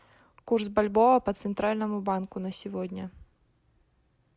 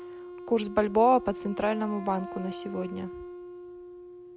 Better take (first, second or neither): first